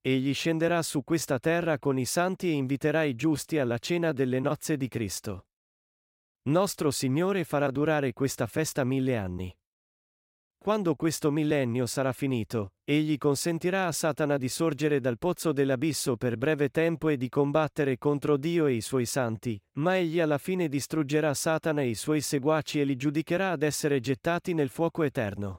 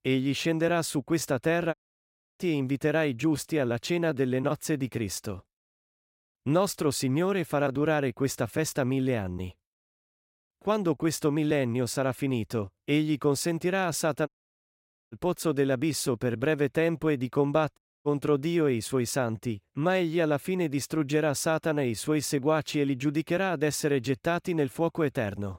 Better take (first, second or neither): first